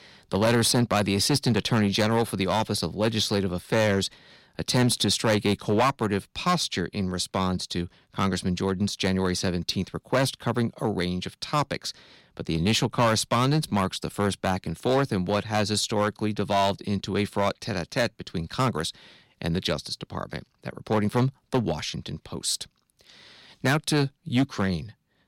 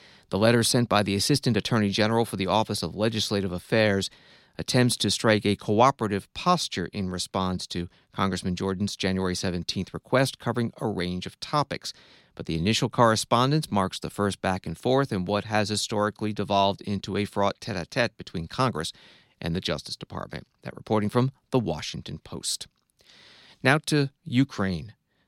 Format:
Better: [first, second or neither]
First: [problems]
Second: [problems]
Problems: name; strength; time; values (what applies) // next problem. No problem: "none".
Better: second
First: distortion; slight; 4% of the sound clipped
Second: none